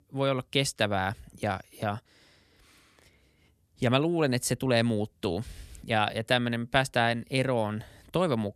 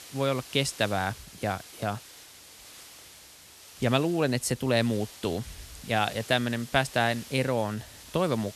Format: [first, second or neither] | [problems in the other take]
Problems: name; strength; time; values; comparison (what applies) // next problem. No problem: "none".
first | hiss; noticeable; throughout; 15 dB below the speech